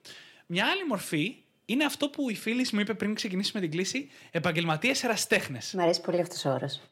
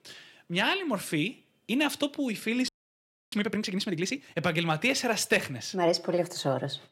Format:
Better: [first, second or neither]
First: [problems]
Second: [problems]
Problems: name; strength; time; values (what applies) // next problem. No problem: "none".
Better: first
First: none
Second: audio freezing; at 2.5 s for 0.5 s